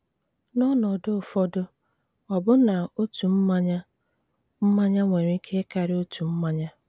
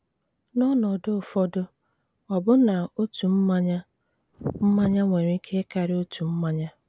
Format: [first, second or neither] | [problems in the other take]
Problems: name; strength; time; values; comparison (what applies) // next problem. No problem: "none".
first | background sound (Wind); 9 dB below the speech